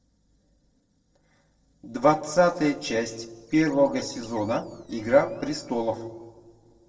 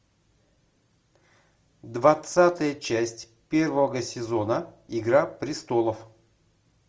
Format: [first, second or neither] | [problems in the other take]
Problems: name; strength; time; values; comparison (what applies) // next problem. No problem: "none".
second | noise reduction (neural separator model SepFormer DNS4)